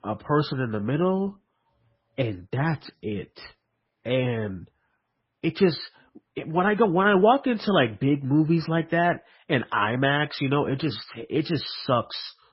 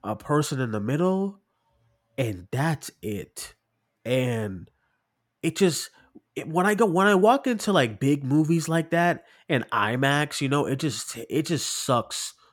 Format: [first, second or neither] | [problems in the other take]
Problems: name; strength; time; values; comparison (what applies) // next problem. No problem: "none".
second | garbled, watery; badly; nothing above 5.5 kHz